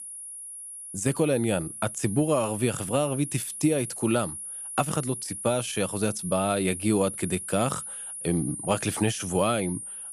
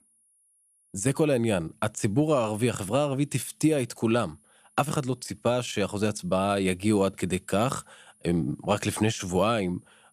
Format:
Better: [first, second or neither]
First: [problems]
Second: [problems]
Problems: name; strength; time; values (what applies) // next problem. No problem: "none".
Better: second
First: high-pitched whine; loud; throughout; 9.5 kHz, 8 dB below the speech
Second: high-pitched whine; faint; throughout; 9.5 kHz, 35 dB below the speech